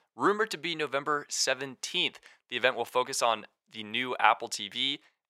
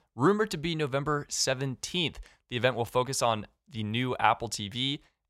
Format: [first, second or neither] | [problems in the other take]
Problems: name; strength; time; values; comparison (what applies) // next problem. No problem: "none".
second | thin; somewhat; fading below 300 Hz